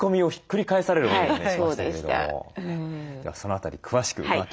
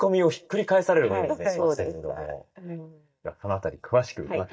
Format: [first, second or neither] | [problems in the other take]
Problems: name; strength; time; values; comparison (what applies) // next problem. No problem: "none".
first | noise reduction (neural mask model DeepFilterNet 3)